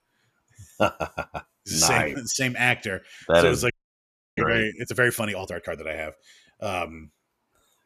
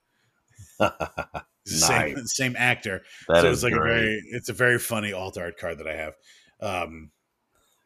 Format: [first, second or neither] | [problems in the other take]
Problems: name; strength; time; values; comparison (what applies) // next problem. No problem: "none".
second | audio freezing; at 3.5 s for 0.5 s